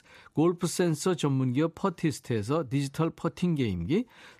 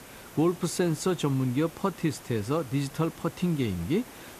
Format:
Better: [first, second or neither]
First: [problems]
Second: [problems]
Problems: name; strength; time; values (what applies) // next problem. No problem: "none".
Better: first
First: none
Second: hiss; noticeable; throughout; 15 dB below the speech